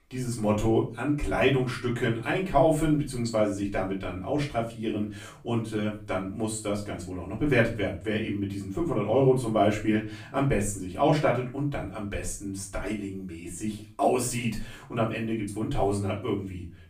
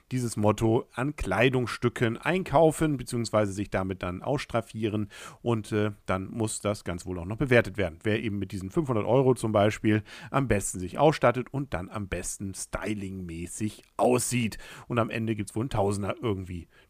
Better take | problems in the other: second | off-mic speech; far // room echo; slight; dies away in 0.3 s

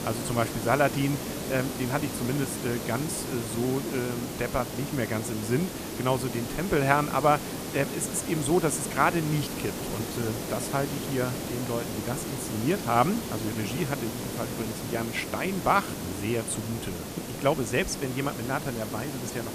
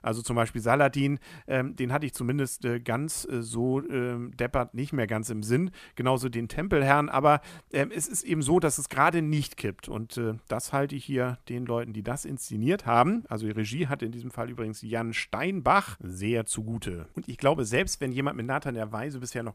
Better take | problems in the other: second | hiss; loud; throughout; 5 dB below the speech

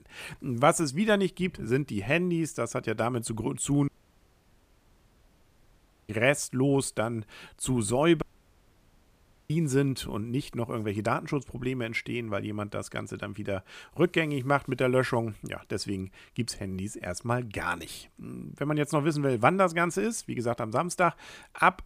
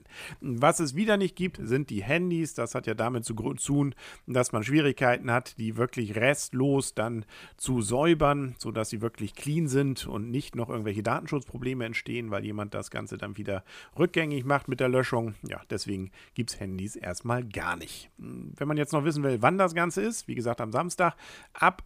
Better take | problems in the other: second | audio cutting out; at 4 s for 2 s and at 8 s for 1.5 s

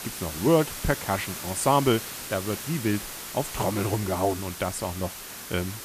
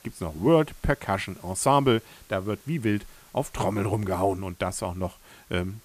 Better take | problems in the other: second | hiss; loud; throughout; 8 dB below the speech; faint in the second

